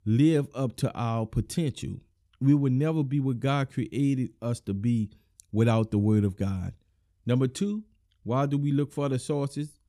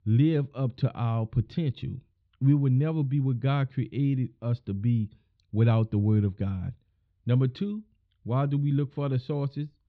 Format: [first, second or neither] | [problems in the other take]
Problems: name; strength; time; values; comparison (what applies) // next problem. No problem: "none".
first | muffled; very slightly; fading above 4 kHz